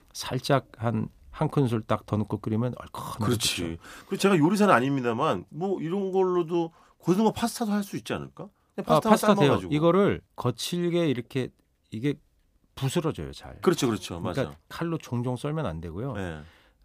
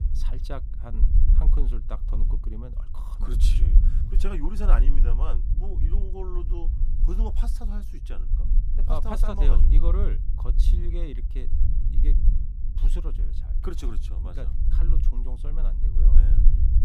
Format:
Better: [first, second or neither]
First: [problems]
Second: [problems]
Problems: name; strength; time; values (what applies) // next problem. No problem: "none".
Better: first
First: none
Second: low rumble; loud; throughout; 6 dB below the speech